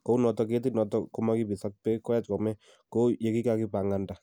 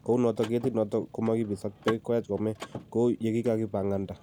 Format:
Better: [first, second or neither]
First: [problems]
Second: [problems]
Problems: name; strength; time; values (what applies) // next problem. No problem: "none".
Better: first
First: none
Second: background sound (Mechanisms / Car); 15 dB below the speech